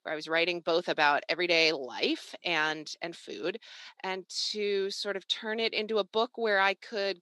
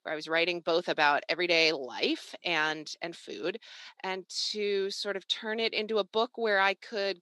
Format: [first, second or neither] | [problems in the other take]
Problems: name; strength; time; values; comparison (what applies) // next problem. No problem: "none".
neither | thin; somewhat; fading below 350 Hz; the same in both